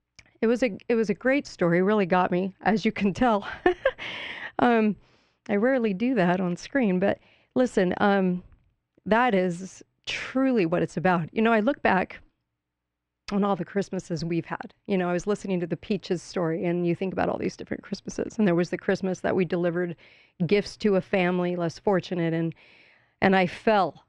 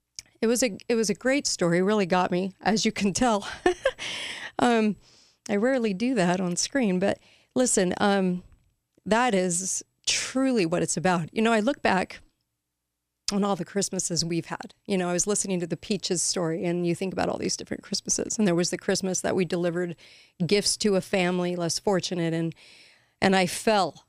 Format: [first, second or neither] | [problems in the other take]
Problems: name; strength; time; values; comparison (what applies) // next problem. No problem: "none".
second | muffled; very; fading above 2 kHz